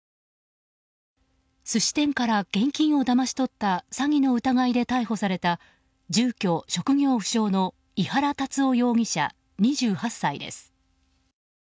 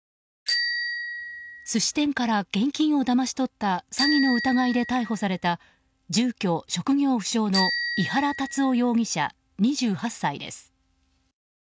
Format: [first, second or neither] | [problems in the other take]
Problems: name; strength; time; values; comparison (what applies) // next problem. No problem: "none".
first | background sound (Bicycle bell); 7 dB below the speech